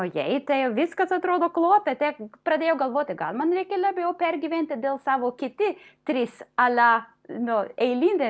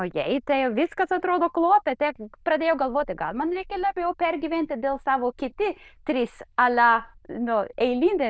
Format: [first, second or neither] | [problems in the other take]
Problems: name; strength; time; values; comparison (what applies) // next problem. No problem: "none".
first | noise reduction (neural diffusion model UNIVERSE++)